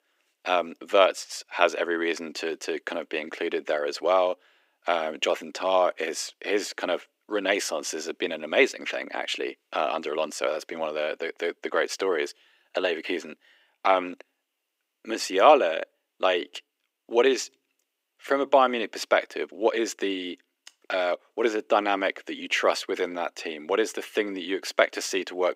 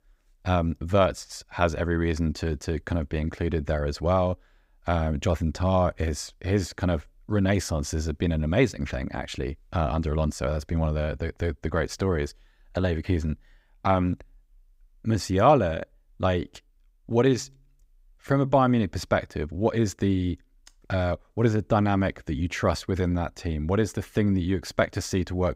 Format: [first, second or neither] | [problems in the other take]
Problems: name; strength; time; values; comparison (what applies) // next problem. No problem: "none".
second | thin; very; fading below 350 Hz